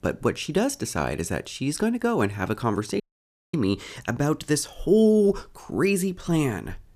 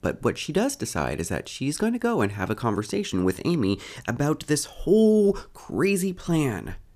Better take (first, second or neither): second